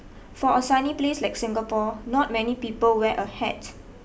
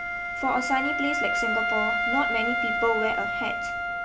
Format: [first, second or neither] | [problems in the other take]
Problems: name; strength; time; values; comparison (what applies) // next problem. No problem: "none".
first | background sound (Wind instrument, woodwind instrument); 3 dB above the speech